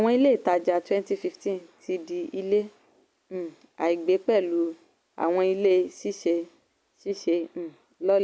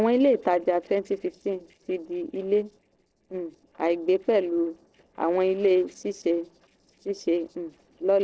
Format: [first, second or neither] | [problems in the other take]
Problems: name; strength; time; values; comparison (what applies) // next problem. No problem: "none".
first | noise reduction (neural separator model SepFormer DNS4)